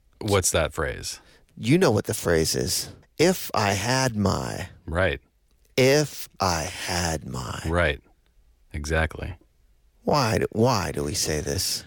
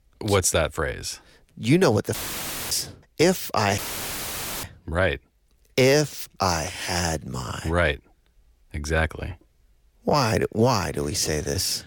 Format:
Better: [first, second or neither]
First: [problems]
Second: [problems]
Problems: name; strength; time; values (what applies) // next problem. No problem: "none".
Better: first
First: none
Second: audio cutting out; filled with static; at 2 s for 0.5 s and at 4 s for 1 s